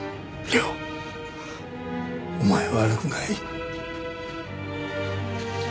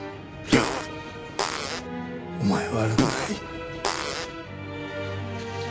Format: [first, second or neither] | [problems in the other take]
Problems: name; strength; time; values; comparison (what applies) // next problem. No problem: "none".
first | background sound (Fart); 2 dB above the speech